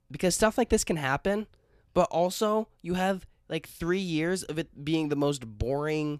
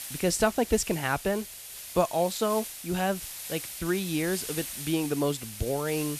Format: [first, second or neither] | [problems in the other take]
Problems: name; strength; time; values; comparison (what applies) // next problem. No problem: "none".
first | hiss; loud; throughout; 8 dB below the speech